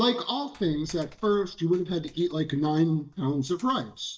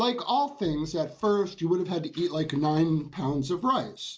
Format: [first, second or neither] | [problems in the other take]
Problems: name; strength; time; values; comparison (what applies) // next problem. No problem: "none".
second | noise reduction (neural mask model DeepFilterNet 3)